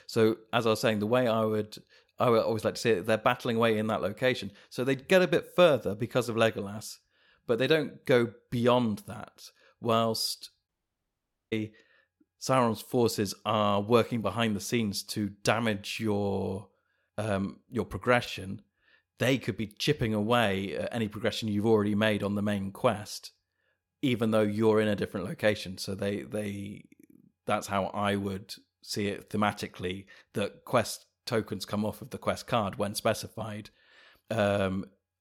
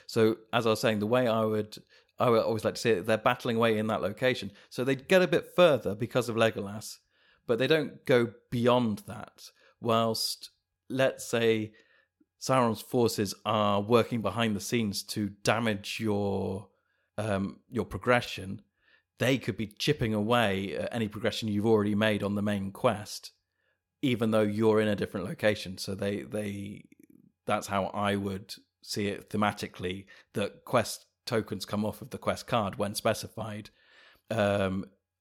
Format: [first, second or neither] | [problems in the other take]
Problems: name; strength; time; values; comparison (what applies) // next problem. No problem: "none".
second | audio cutting out; at 11 s for 1 s